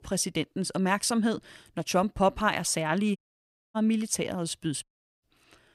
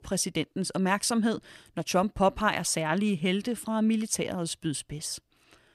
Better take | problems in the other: second | audio cutting out; at 3 s for 0.5 s and at 5 s

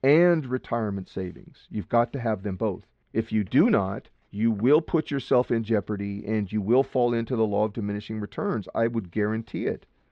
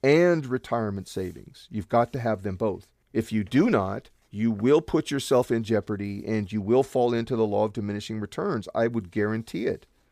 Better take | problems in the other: second | muffled; slightly; fading above 3.5 kHz

